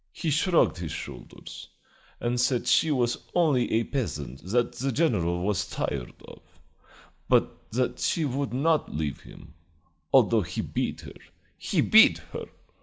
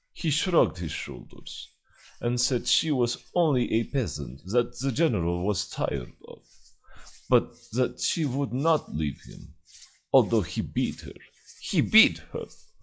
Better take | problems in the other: first | noise reduction (classical method log-MMSE)

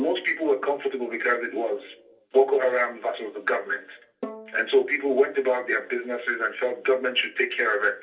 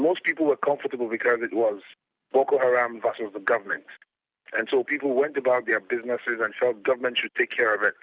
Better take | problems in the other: second | background sound (Bowed string instrument); 19 dB below the speech // room echo; dies away in 0.3 s

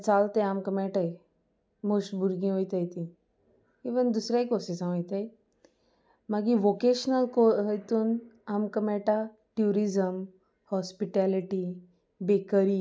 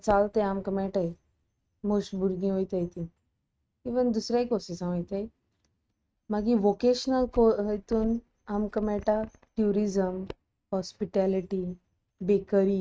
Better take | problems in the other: first | noise reduction (neural mask model RNNoise)

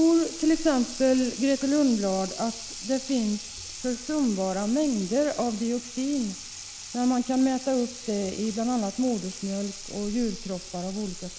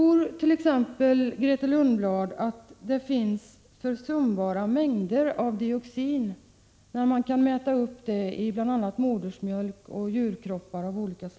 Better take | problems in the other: second | background sound (Sink (filling or washing) / Water tap, faucet); 12 dB below the speech

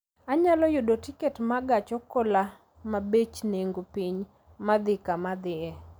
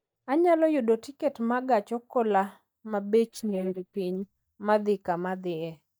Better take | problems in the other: first | noise reduction (neural mask model DeepFilterNet 3)

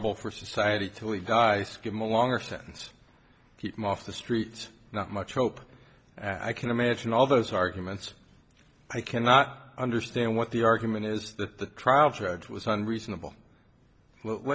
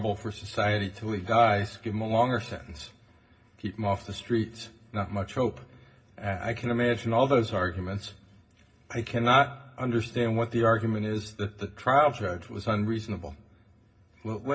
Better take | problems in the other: first | room echo; dies away in 0.4 s

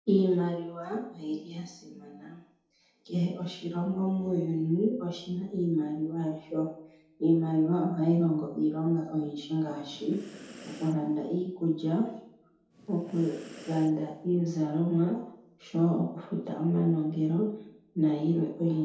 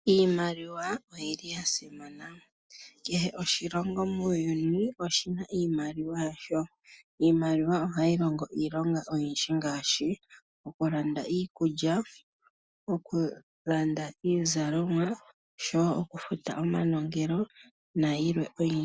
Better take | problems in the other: second | background sound (Breathing); 19 dB below the speech // room echo; dies away in 0.8 s

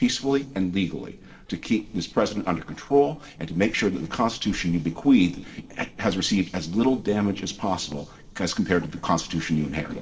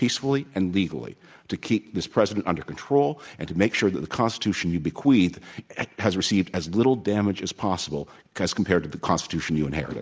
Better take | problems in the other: second | noise reduction (neural separator model SepFormer DNS4)

